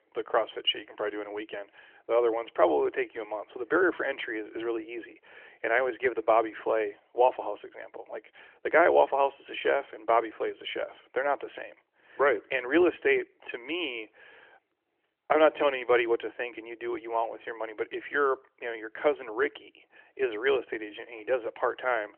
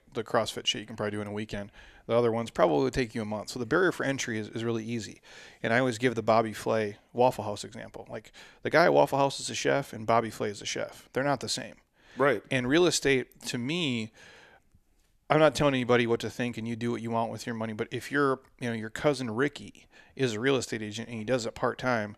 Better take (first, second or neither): second